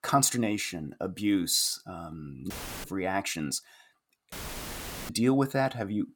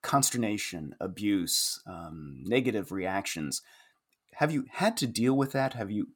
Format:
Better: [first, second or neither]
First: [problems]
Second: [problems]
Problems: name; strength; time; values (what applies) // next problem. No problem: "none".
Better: second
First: audio cutting out; filled with static; at 2.5 s and at 4.5 s for 1 s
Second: none